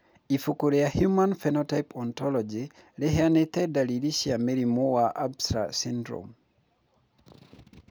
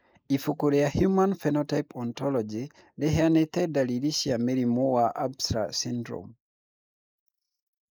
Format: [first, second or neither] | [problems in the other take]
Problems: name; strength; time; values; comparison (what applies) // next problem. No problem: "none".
first | noise reduction (neural mask model Resemble Enhance denoiser)